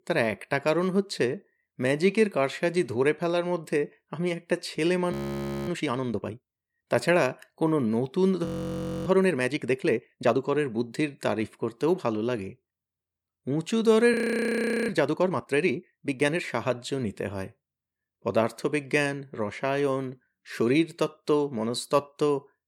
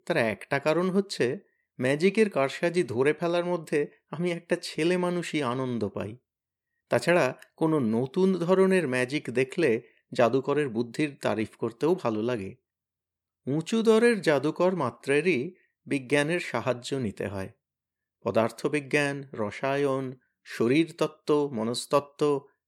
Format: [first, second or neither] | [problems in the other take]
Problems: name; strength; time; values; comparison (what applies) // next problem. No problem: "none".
second | audio freezing; at 5 s for 0.5 s, at 8.5 s for 0.5 s and at 14 s for 0.5 s